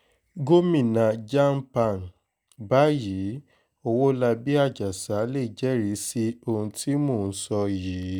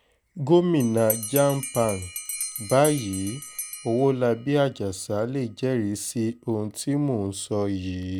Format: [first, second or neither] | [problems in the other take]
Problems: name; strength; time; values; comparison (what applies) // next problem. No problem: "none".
first | background sound (Bell); 13 dB below the speech